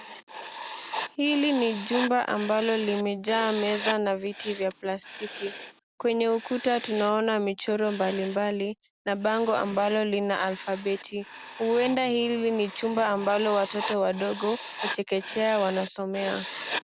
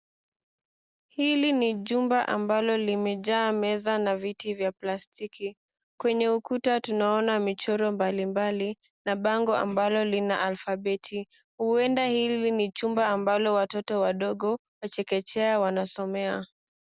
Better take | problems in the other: second | background sound (Writing); 12 dB below the speech

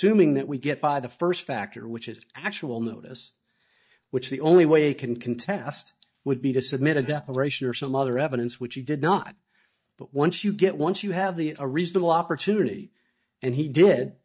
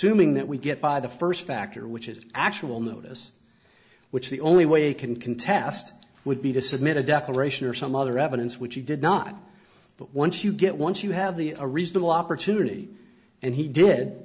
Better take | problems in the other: second | noise reduction (neural mask model DeepFilterNet 3)

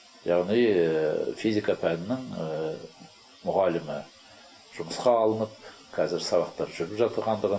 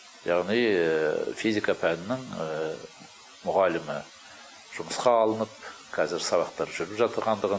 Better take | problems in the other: second | room echo; dies away in 0.2 s

